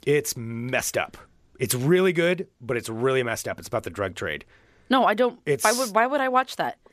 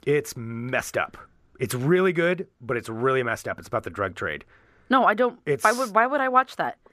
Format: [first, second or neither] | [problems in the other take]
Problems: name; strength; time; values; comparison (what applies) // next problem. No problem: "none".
first | muffled; slightly; fading above 3 kHz